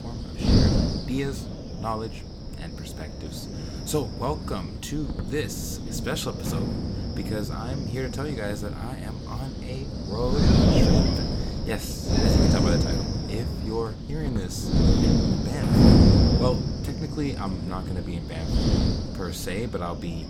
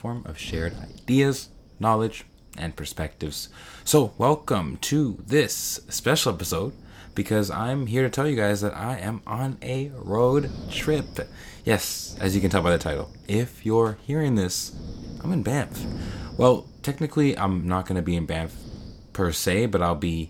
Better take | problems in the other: second | wind noise on the microphone; heavy; 3 dB above the speech; occasional gusts in the second

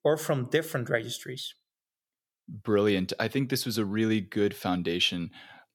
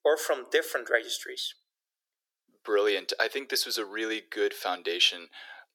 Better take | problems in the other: first | thin; very; fading below 400 Hz

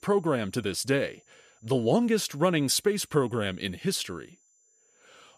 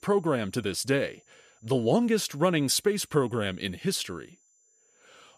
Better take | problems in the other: neither | high-pitched whine; faint; throughout; 7 kHz, 35 dB below the speech; the same in both

